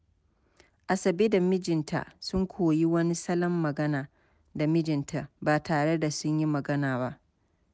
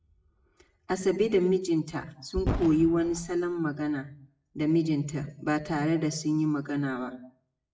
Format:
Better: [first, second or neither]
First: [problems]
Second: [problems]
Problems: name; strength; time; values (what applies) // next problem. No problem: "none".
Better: first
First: none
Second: noise reduction (classical method WPE with log-MMSE)